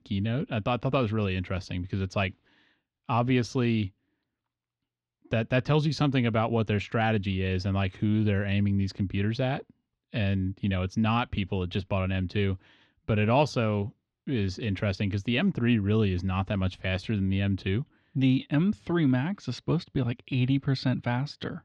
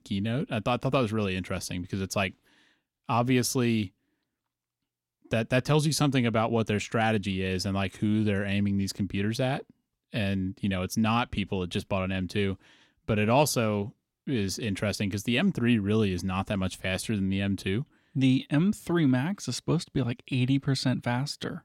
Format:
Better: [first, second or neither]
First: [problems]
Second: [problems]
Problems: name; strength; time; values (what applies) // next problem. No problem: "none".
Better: second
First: muffled; very slightly; fading above 4 kHz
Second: none